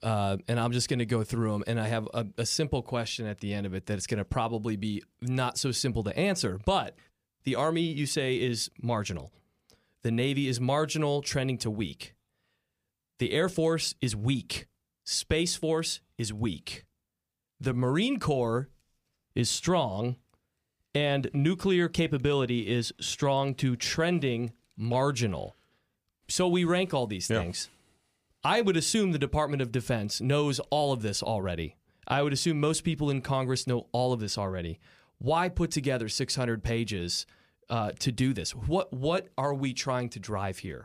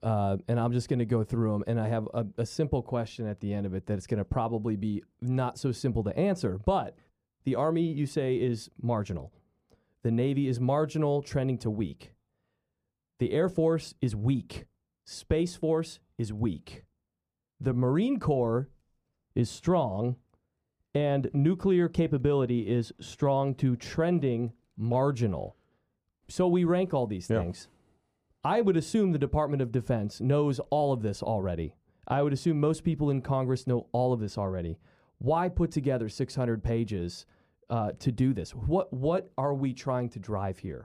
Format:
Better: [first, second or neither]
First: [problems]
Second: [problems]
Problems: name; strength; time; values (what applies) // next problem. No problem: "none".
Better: first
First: none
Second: muffled; slightly; fading above 1.5 kHz